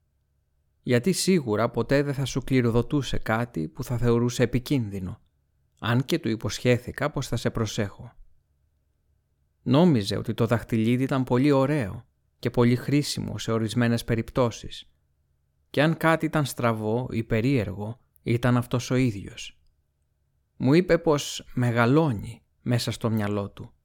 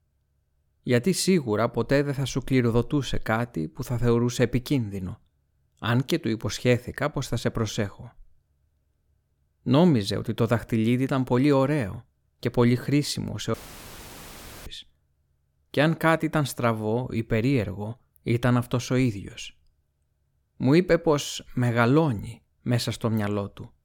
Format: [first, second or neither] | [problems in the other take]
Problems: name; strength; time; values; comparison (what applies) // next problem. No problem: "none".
first | audio cutting out; filled with static; at 14 s for 1 s